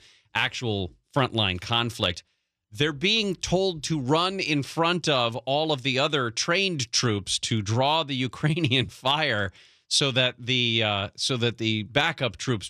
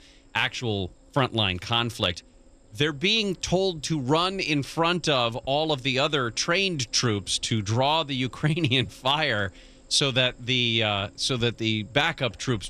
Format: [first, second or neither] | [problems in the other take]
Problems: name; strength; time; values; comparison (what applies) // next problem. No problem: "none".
first | animal sounds; faint; throughout; 30 dB below the speech